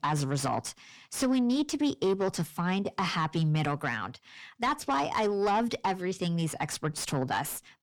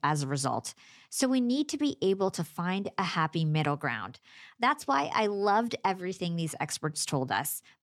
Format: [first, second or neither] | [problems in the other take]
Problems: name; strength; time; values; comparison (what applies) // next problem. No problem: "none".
second | distortion; slight; 10 dB below the speech